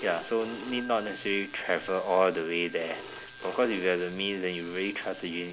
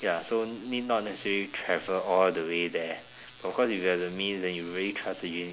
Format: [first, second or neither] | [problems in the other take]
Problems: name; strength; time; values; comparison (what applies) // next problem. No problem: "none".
second | background sound (Telephone); 16 dB below the speech